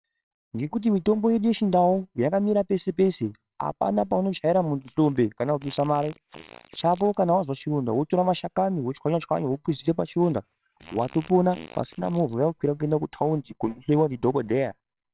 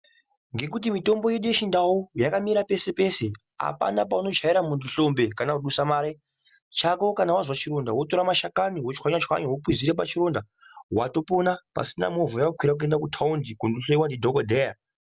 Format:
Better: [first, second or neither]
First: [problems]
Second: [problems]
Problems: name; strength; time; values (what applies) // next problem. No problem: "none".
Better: second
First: noise reduction (neural separator model SepFormer WHAMR!)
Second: none